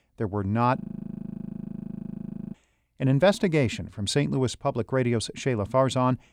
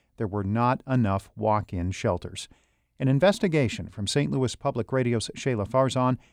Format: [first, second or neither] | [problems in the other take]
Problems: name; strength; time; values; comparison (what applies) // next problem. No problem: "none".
second | audio freezing; at 1 s for 2 s